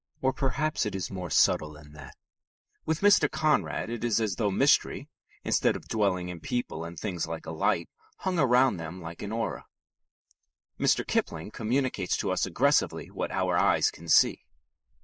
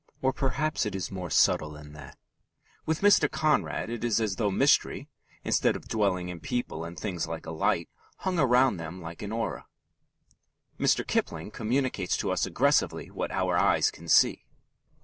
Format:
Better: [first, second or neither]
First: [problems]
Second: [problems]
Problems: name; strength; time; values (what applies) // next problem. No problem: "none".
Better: second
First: noise reduction (neural mask model Resemble Enhance denoiser)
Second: none